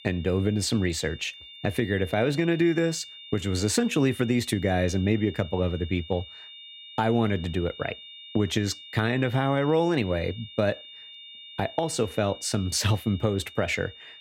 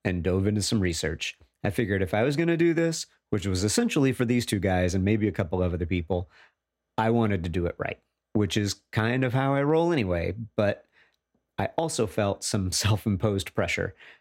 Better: second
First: high-pitched whine; noticeable; throughout; 3.5 kHz, 15 dB below the speech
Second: none

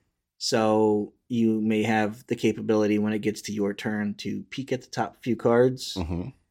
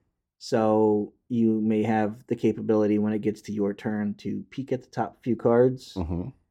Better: first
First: none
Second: muffled; slightly; fading above 1.5 kHz

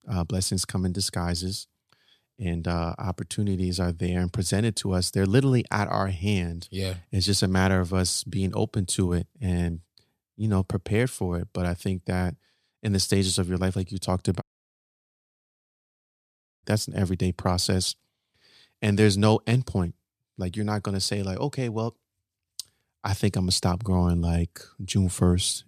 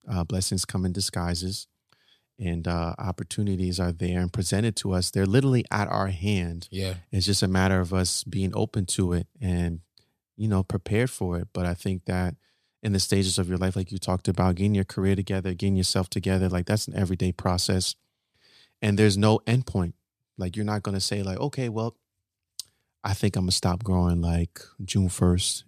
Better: second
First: audio cutting out; at 14 s for 2 s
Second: none

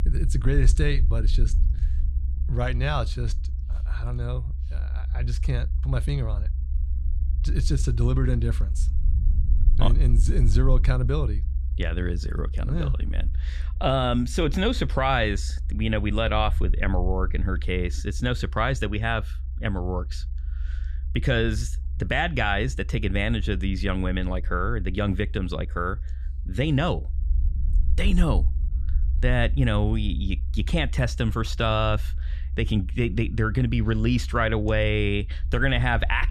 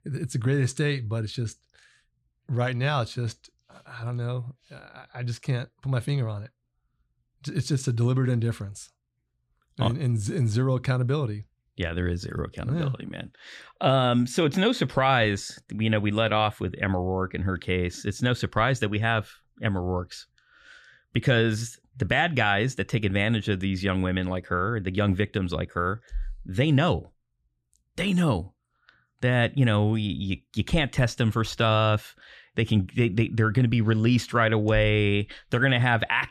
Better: second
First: low rumble; faint; throughout; 20 dB below the speech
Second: none

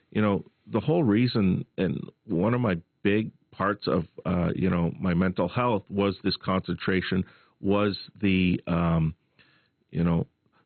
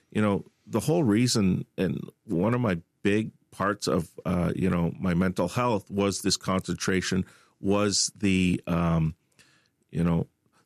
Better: second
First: garbled, watery; badly; nothing above 4 kHz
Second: none

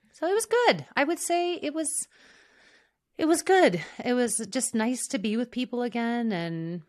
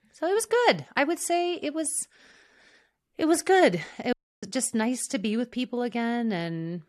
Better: first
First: none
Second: audio cutting out; at 4 s

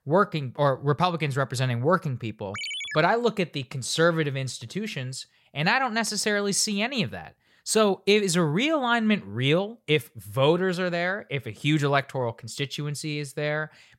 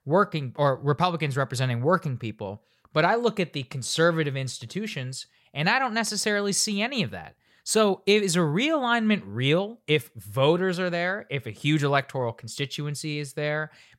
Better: second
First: phone ringing; noticeable; at 2.5 s; peak 5 dB below the speech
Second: none

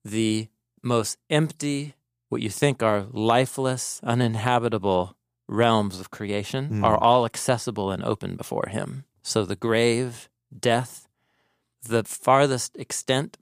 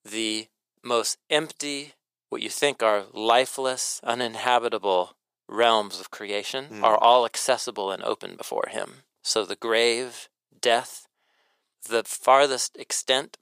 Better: first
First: none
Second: thin; very; fading below 500 Hz

